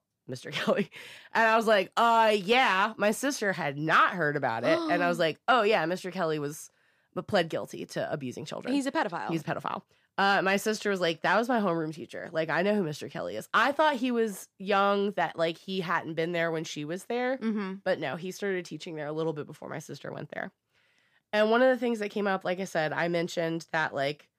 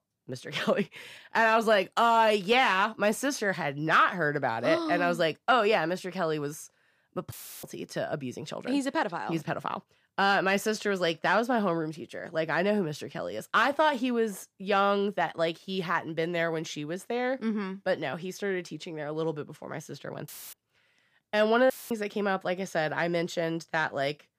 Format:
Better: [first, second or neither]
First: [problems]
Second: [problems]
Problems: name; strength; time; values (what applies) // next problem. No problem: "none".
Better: first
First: none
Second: audio cutting out; filled with static; at 7.5 s, at 20 s and at 22 s